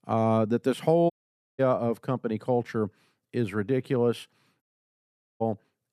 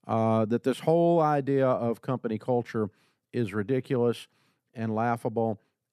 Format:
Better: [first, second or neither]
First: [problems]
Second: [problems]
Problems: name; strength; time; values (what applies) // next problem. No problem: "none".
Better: second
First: audio cutting out; at 1 s and at 4.5 s for 1 s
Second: none